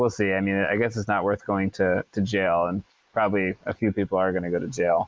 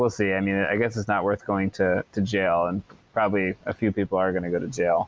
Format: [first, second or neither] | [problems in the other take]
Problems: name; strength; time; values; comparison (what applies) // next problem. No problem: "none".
second | noise reduction (neural mask model Resemble Enhance denoiser)